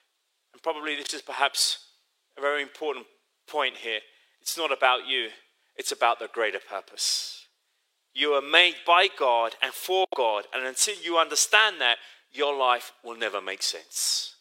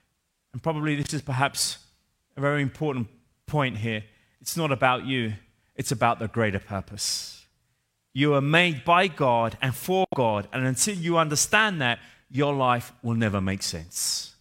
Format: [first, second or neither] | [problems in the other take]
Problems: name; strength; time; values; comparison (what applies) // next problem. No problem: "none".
second | thin; very; fading below 350 Hz